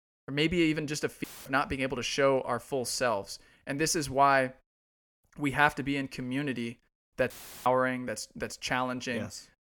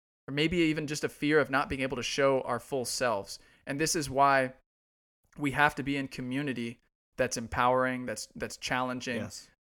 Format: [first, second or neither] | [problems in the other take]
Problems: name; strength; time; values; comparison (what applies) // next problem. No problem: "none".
second | audio cutting out; filled with static; at 1 s and at 7.5 s